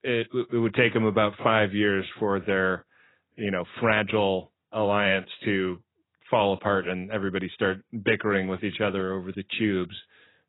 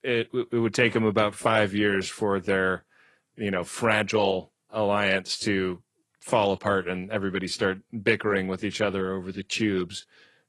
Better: second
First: garbled, watery; badly; nothing above 3.5 kHz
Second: garbled, watery; slightly

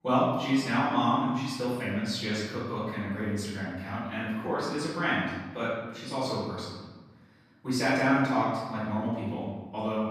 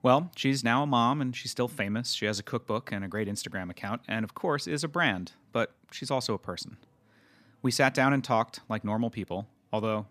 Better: second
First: room echo; strong; dies away in 1.2 s // off-mic speech; far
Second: none

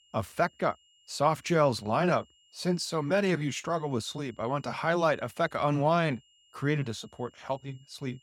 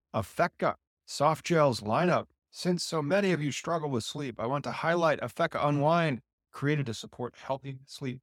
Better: second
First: high-pitched whine; faint; throughout; 3 kHz, 30 dB below the speech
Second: none

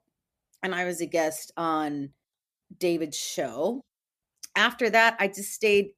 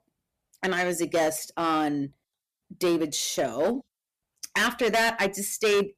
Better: first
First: none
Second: distortion; heavy; 8% of the sound clipped

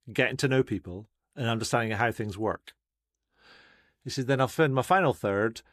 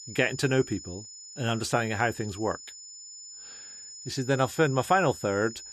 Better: first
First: none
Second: high-pitched whine; noticeable; throughout; 7 kHz, 15 dB below the speech

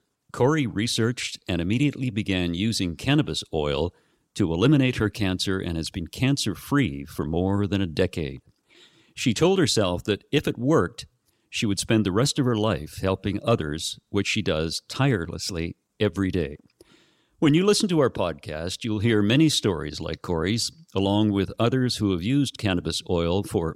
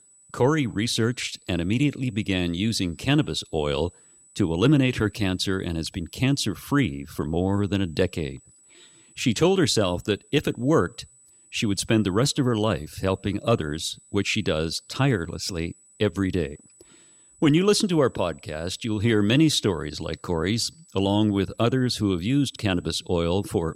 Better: first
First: none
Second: high-pitched whine; faint; throughout; 8 kHz, 30 dB below the speech

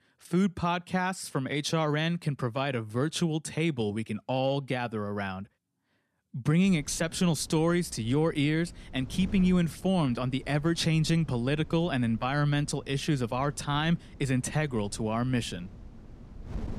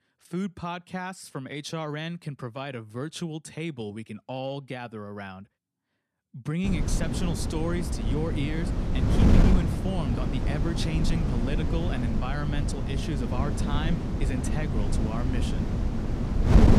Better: first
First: wind noise on the microphone; occasional gusts; from 6.5 s on; 25 dB below the speech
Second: wind noise on the microphone; heavy; from 6.5 s on; as loud as the speech

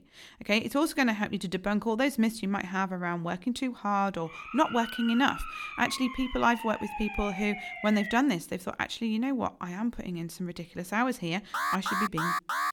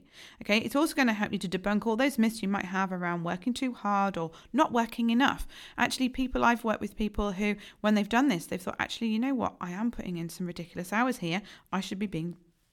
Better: second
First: siren; noticeable; from 4.5 to 8 s; peak 7 dB below the speech // alarm; loud; from 12 s on; peak level with the speech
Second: none

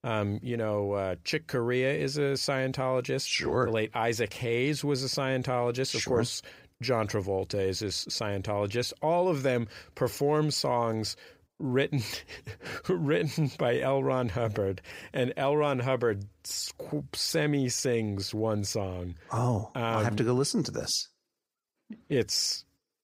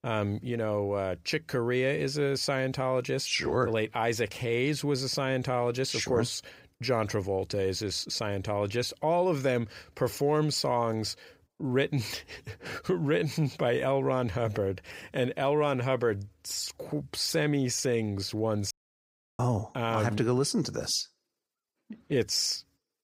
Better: first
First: none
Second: audio cutting out; at 19 s for 0.5 s

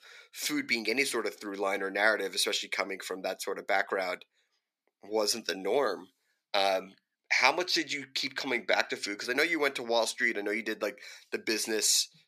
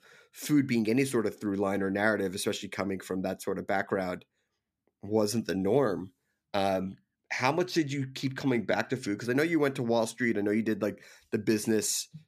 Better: second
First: thin; somewhat; fading below 500 Hz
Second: none

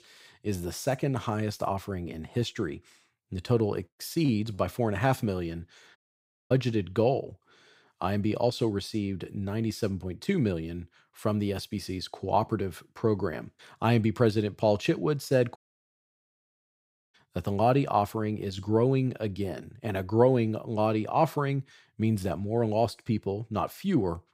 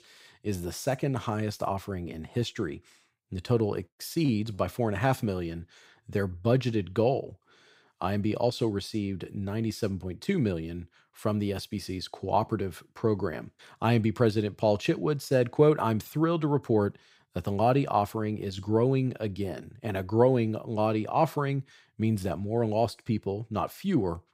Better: second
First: audio cutting out; at 6 s for 0.5 s and at 16 s for 1.5 s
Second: none

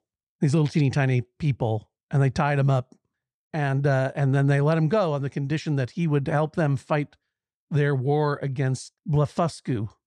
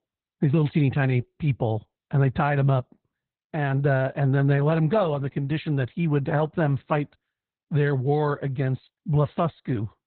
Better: first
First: none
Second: garbled, watery; badly; nothing above 4 kHz

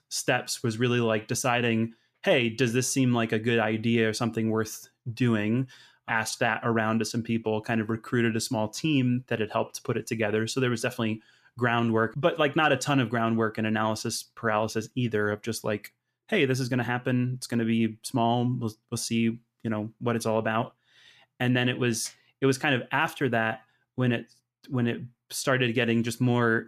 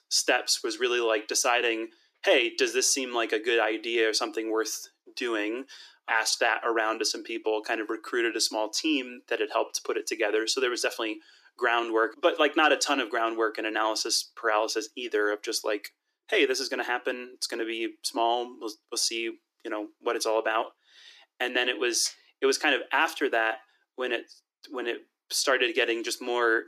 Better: first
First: none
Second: thin; very; fading below 300 Hz

